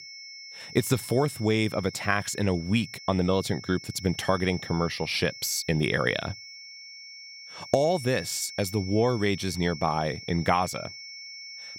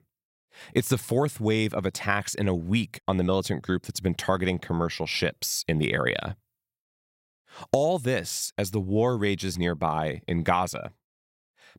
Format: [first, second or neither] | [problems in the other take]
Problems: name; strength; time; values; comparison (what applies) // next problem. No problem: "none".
second | high-pitched whine; noticeable; throughout; 5.5 kHz, 15 dB below the speech